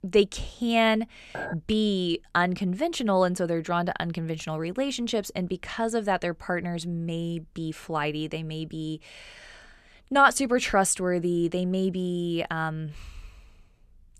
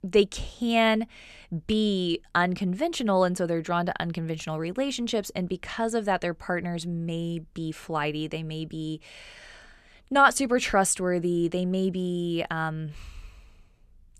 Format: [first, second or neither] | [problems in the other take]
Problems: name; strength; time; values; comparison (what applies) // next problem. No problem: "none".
second | clattering dishes; noticeable; at 1.5 s; peak 9 dB below the speech